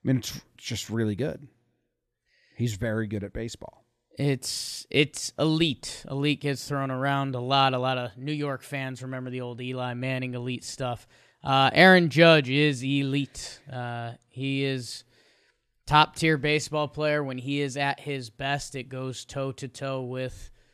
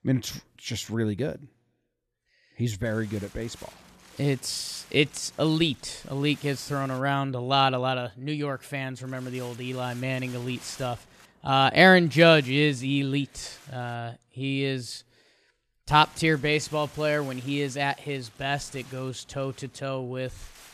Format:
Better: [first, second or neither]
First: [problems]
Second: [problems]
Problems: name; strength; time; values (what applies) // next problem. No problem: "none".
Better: first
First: none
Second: wind noise on the microphone; occasional gusts; from 3 to 7 s, from 8.5 to 14 s and from 16 s on; 25 dB below the speech